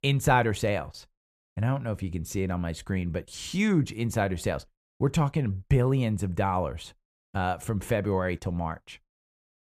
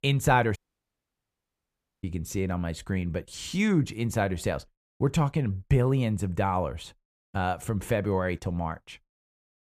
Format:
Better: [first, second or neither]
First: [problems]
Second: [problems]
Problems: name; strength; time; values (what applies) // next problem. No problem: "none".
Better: first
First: none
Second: audio cutting out; at 0.5 s for 1.5 s